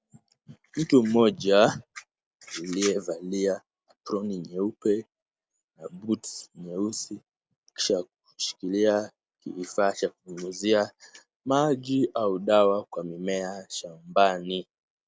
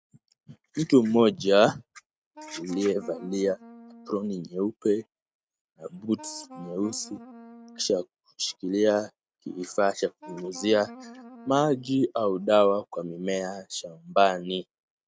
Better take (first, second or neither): first